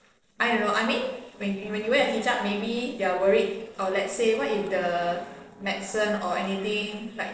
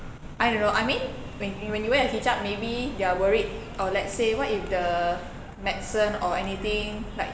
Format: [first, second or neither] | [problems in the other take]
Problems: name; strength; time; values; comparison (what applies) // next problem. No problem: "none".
second | noise reduction (neural separator model SepFormer DNS4)